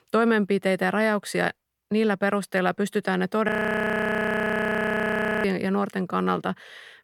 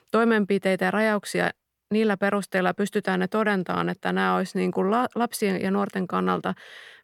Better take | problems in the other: second | audio freezing; at 3.5 s for 2 s

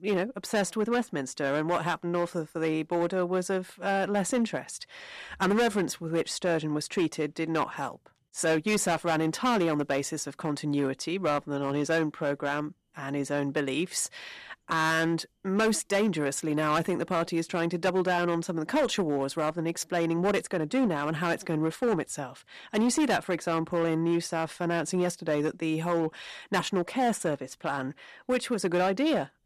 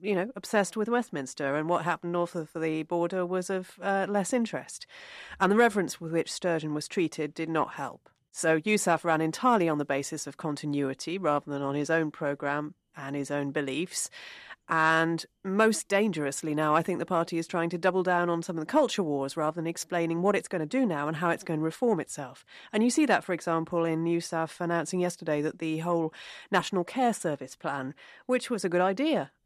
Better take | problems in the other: second | distortion; slight; 7% of the sound clipped

